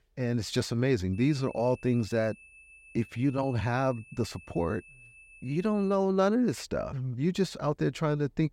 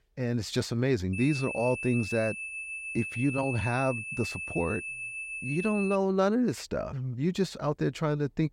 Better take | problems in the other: first | high-pitched whine; loud; from 1 to 6 s; 2.5 kHz, 6 dB below the speech; faint in the first

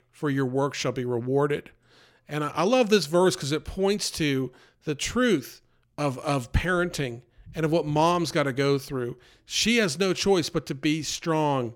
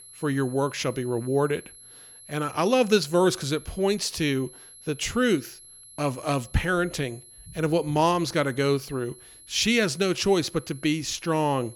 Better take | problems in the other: first | high-pitched whine; faint; throughout; 11 kHz, 20 dB below the speech

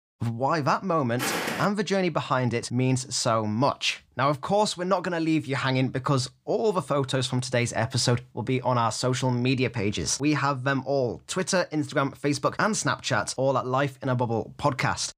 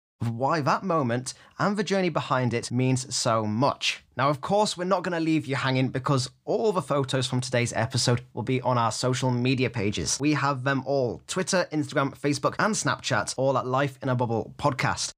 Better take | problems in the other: second | footsteps; noticeable; at 1 s; peak 2 dB below the speech

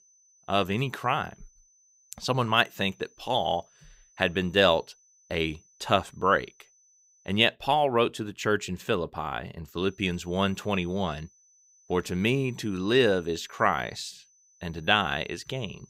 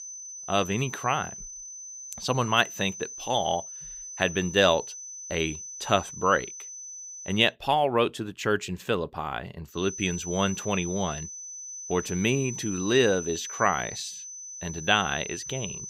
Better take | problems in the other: first | high-pitched whine; loud; until 7.5 s and from 10 s on; 6 kHz, 10 dB below the speech; faint in the first

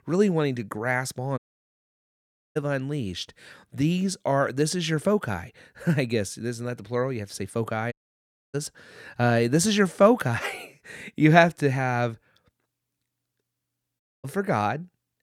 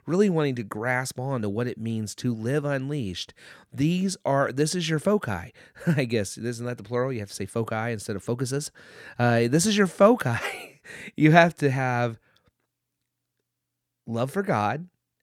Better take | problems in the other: second | audio cutting out; at 1.5 s for 1 s, at 8 s for 0.5 s and at 14 s

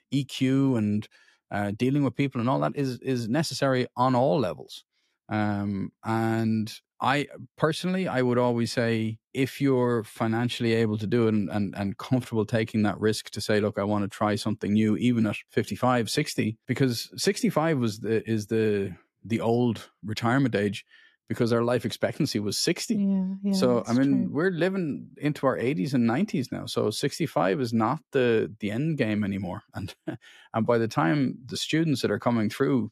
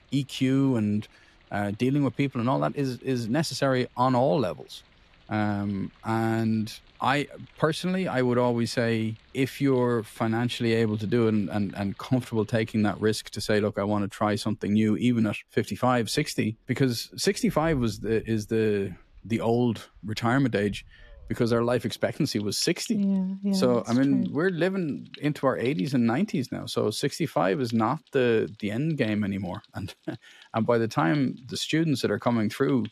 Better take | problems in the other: first | rain or running water; faint; throughout; 25 dB below the speech

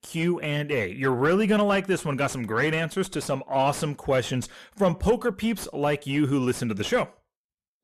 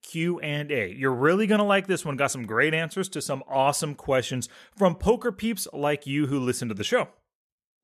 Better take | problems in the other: second | distortion; slight; 10 dB below the speech

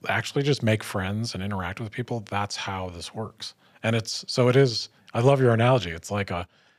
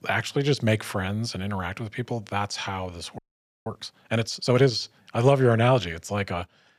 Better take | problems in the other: first | audio freezing; at 3 s

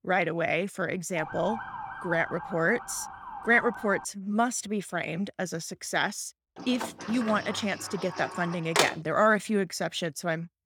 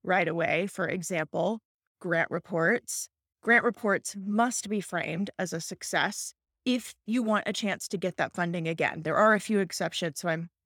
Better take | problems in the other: second | siren; noticeable; from 1 to 4 s; peak 8 dB below the speech // door banging; loud; from 7 to 9 s; peak 3 dB above the speech

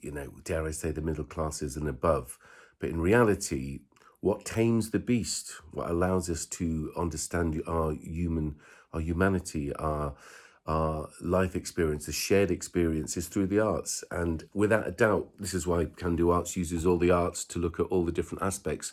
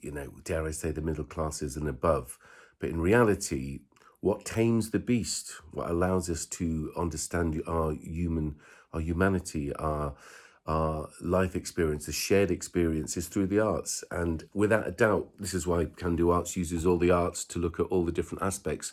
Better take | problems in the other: neither | none

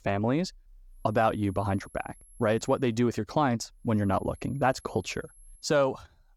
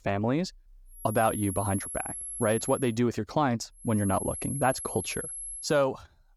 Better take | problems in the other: first | high-pitched whine; loud; from 1 to 3 s and from 4 to 5.5 s; 11 kHz, 7 dB below the speech; faint in the first

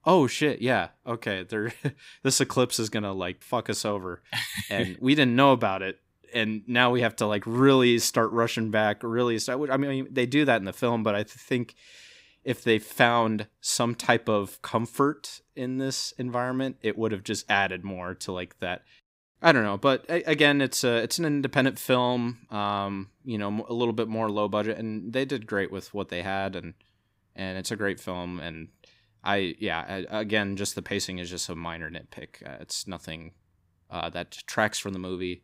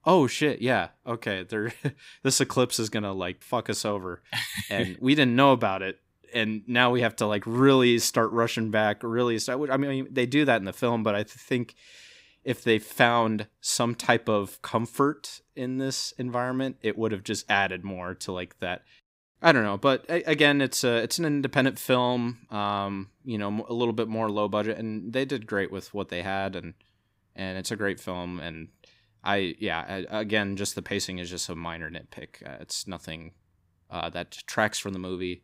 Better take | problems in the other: neither | none

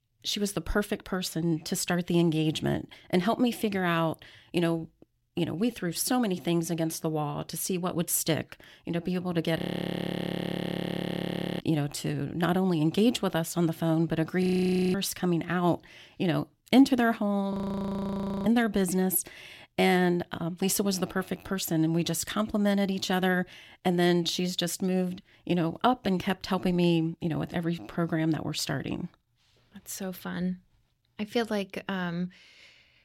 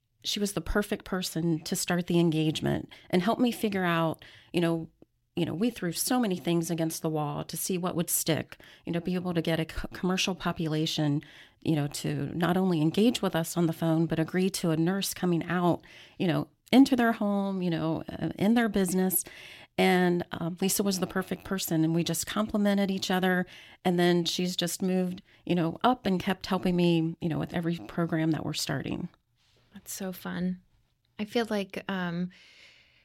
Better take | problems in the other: second | audio freezing; at 9.5 s for 2 s, at 14 s for 0.5 s and at 18 s for 1 s

